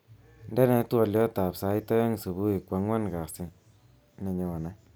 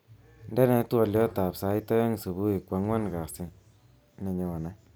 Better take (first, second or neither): first